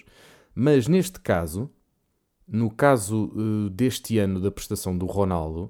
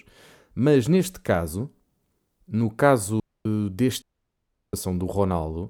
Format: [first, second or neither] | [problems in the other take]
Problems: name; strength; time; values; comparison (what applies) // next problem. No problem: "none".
first | audio cutting out; at 3 s and at 4 s for 0.5 s